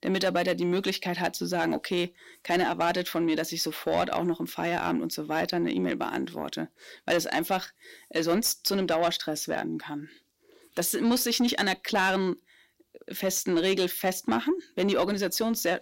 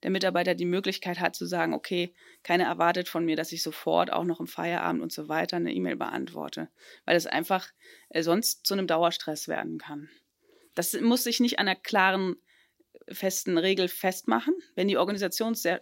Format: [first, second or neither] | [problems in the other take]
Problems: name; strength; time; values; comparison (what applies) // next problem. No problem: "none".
second | distortion; slight; 10 dB below the speech